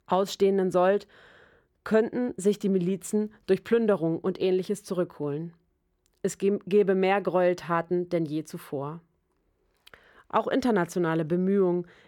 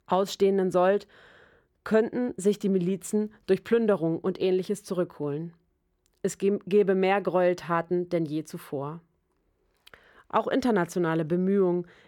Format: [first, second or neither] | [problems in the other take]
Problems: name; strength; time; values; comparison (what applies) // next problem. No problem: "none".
neither | none